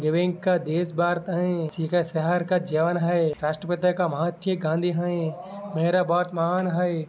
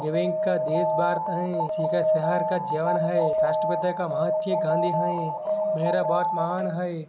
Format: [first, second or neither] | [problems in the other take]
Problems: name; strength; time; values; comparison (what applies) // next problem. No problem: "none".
first | background sound (Alarm); 3 dB above the speech